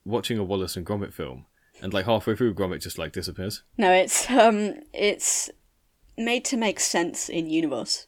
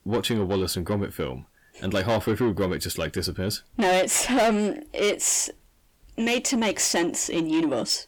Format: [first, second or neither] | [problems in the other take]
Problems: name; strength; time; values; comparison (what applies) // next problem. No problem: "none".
first | distortion; heavy; 8 dB below the speech